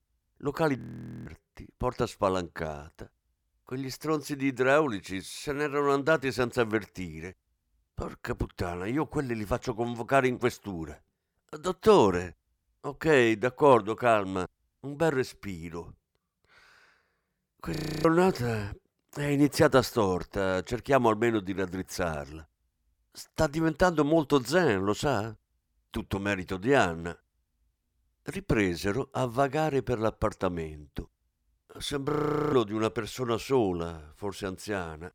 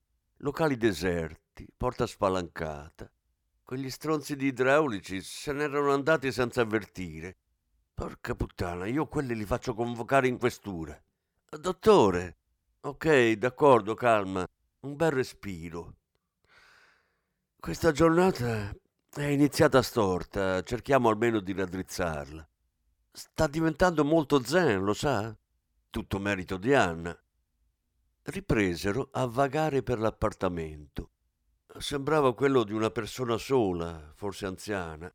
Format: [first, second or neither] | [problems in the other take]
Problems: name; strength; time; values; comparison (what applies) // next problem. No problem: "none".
second | audio freezing; at 1 s, at 18 s and at 32 s